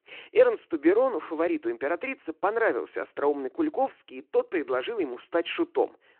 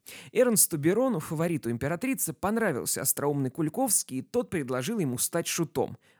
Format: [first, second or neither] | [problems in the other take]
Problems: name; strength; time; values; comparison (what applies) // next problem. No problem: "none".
second | phone-call audio